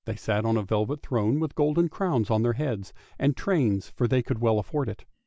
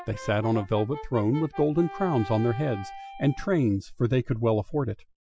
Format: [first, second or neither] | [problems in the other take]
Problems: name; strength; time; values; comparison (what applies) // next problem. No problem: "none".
first | noise reduction (classical method Wiener filter)